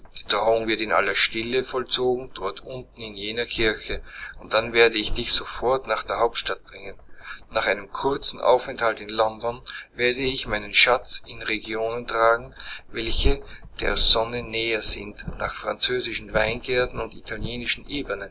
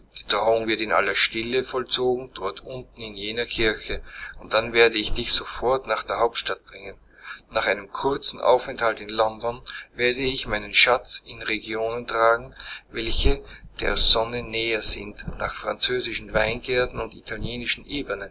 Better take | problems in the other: second | background sound (Knock); 20 dB below the speech

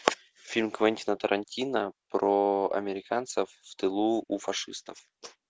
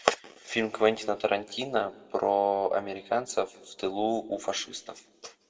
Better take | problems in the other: first | room echo; dies away in 0.7 s

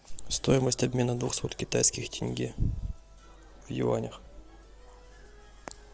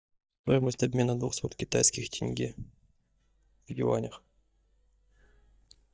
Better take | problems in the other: first | noise reduction (neural mask model DeepFilterNet 3)

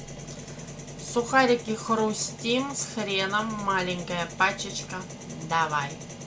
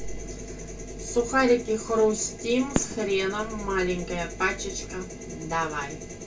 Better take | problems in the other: first | background sound (Fireworks); 10 dB below the speech // room echo; dies away in 0.2 s

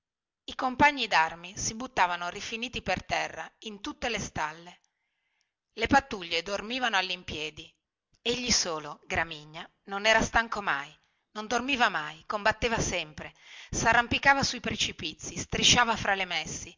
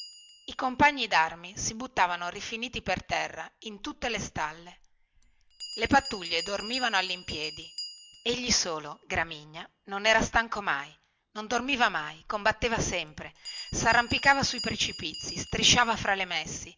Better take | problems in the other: first | background sound (Bell); 16 dB below the speech

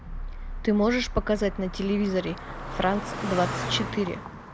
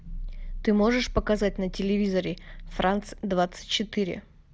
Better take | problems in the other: second | background sound (Car passing by); 9 dB below the speech

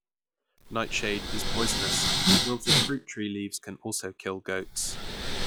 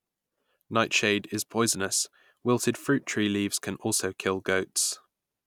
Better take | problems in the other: second | noise reduction (classical method log-MMSE)

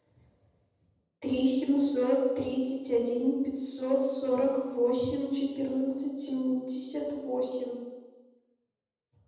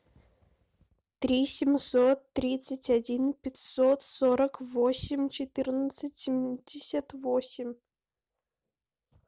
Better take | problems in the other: second | room echo; dies away in 1 s

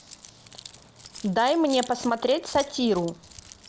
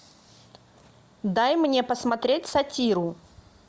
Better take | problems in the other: second | background sound (Keys jangling); 19 dB below the speech

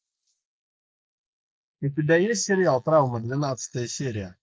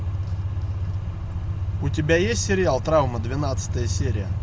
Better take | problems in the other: second | noise reduction (neural mask model Resemble Enhance denoiser)

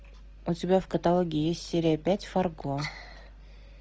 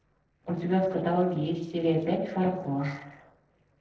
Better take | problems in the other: first | noise reduction (neural separator model SepFormer DNS4)

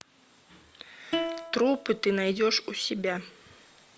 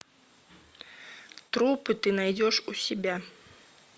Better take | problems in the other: second | background sound (Plucked string instrument); 8 dB below the speech

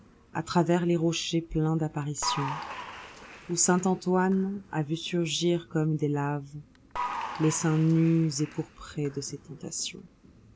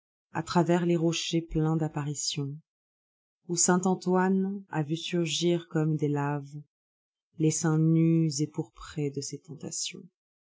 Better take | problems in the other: second | background sound (Applause / Crowd); 14 dB below the speech

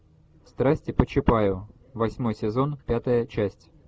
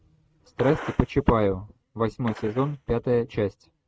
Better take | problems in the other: first | noise reduction (neural mask model RNNoise)

